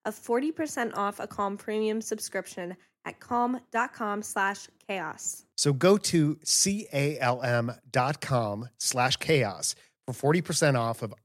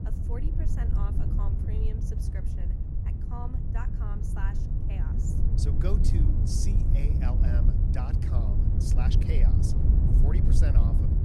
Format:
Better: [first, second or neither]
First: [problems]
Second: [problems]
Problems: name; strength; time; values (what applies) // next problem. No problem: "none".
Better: first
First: none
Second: wind noise on the microphone; heavy; 2 dB above the speech